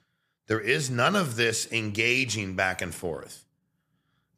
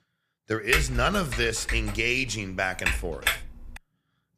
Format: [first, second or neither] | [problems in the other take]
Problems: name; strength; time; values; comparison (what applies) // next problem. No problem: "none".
first | keyboard typing; loud; from 0.5 to 4 s; peak 2 dB above the speech